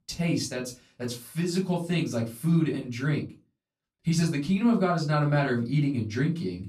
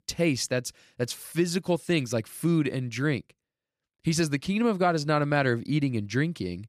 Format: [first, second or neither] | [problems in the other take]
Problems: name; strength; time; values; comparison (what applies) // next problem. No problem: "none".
second | off-mic speech; far // room echo; very slight; dies away in 0.3 s